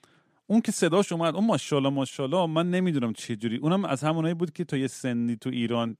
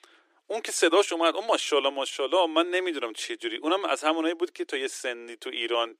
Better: first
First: none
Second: thin; very; fading below 300 Hz

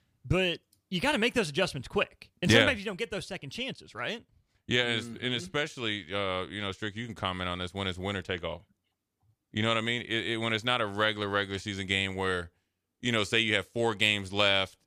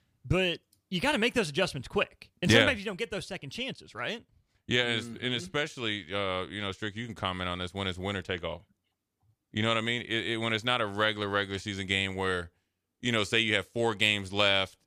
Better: neither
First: none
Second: none

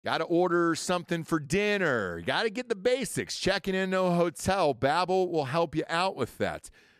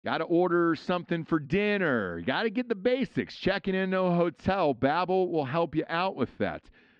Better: first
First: none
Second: muffled; slightly; fading above 3.5 kHz

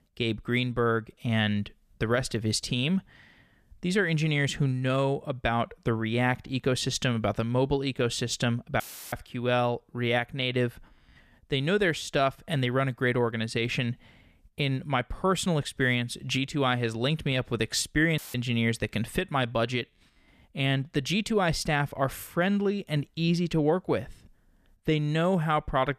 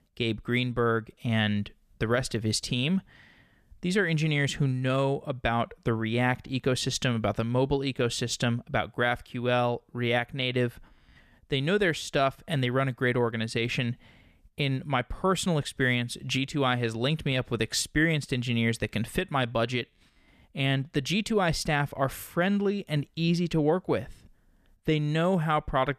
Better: second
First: audio cutting out; filled with static; at 9 s and at 18 s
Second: none

